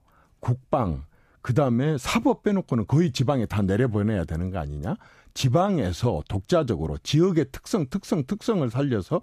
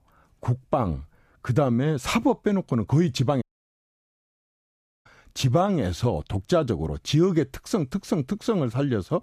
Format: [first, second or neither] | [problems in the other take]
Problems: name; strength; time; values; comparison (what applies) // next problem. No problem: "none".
first | audio cutting out; at 3.5 s for 1.5 s